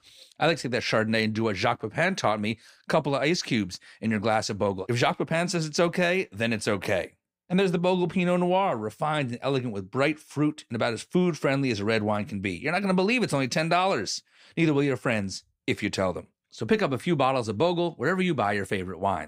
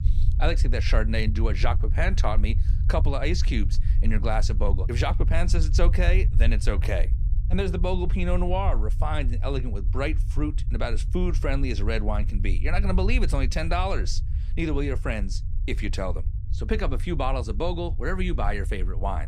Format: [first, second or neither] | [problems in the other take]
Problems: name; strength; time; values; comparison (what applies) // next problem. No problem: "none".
first | low rumble; noticeable; throughout; 15 dB below the speech